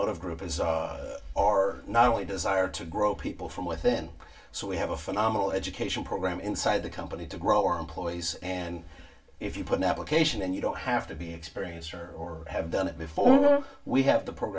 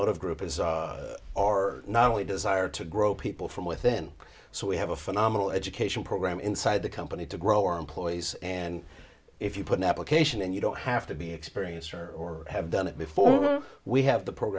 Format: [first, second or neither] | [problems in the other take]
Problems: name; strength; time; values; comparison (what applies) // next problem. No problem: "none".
second | room echo; dies away in 0.2 s